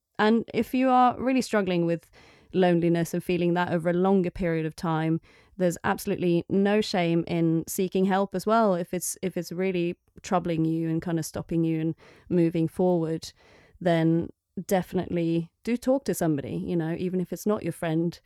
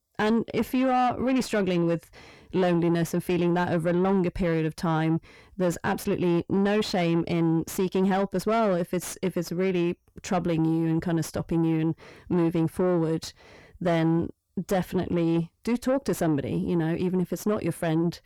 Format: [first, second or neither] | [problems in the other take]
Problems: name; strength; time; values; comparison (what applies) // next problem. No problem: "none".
first | distortion; slight; 10 dB below the speech